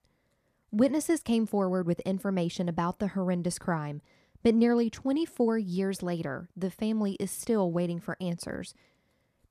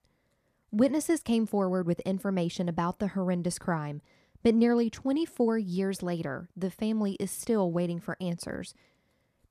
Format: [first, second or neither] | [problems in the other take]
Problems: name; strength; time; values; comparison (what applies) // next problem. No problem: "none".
neither | none